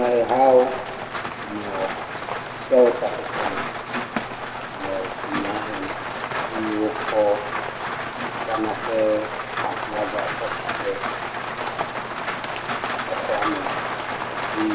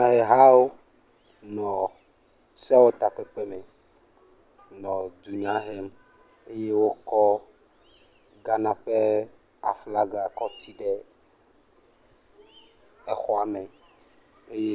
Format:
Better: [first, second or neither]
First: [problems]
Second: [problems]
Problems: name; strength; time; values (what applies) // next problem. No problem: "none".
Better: second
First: background sound (Rain); 3 dB below the speech // room echo; dies away in 1.3 s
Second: none